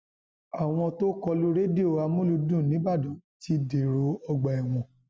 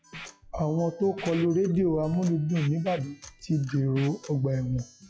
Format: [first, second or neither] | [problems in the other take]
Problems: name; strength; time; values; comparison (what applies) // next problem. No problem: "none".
first | noise reduction (classical method log-MMSE)